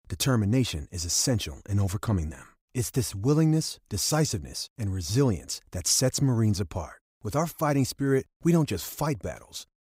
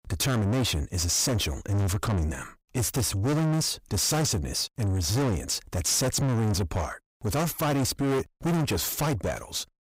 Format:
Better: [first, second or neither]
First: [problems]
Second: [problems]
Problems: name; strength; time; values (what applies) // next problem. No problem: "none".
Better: first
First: none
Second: distortion; heavy; 5 dB below the speech